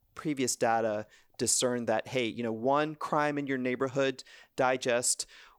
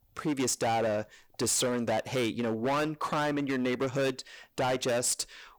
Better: first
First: none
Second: distortion; heavy; 20% of the sound clipped

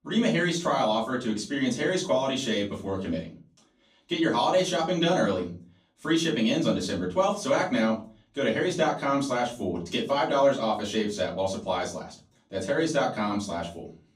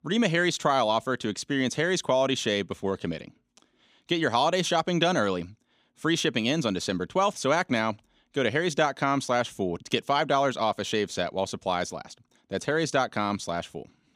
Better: second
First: room echo; slight; dies away in 0.3 s // off-mic speech; far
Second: none

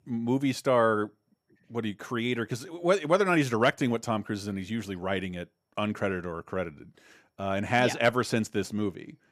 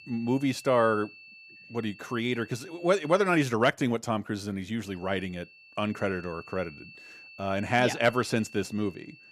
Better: first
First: none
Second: high-pitched whine; noticeable; until 3.5 s and from 5 s on; 2.5 kHz, 20 dB below the speech

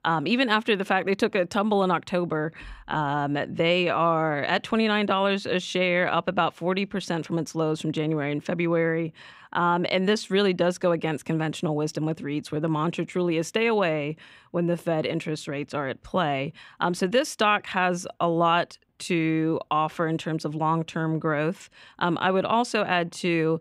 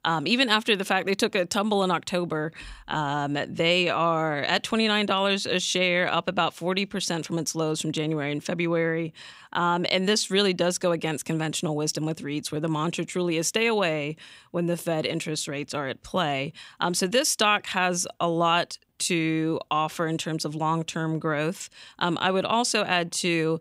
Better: second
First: muffled; slightly; fading above 3.5 kHz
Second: none

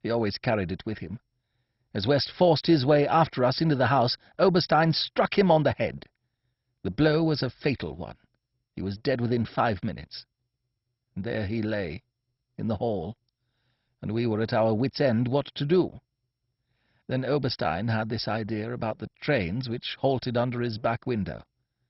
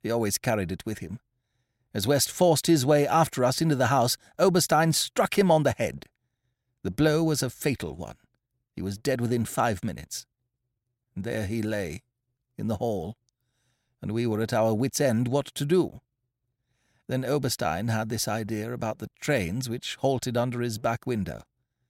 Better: second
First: garbled, watery; badly; nothing above 5.5 kHz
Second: none

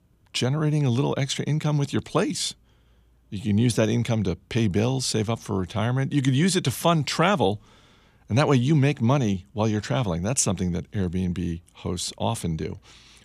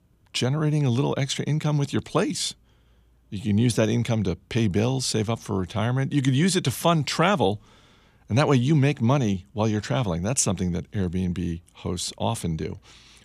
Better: neither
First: none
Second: none

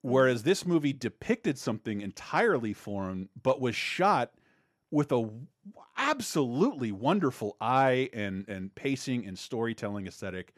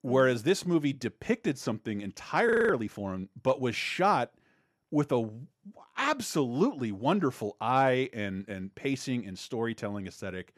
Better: first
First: none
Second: audio freezing; at 2.5 s

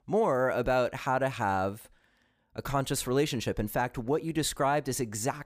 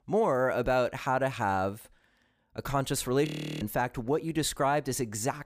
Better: first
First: none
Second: audio freezing; at 3.5 s

